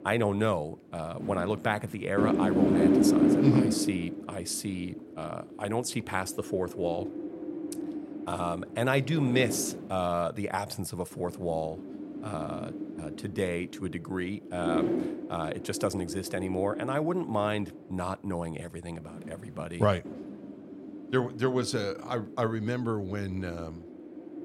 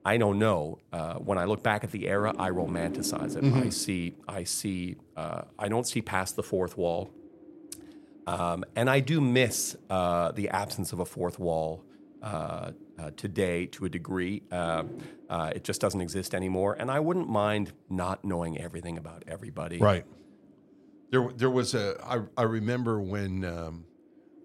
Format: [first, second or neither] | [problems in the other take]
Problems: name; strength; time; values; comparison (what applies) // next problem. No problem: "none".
second | wind noise on the microphone; heavy; 2 dB below the speech; occasional gusts in the second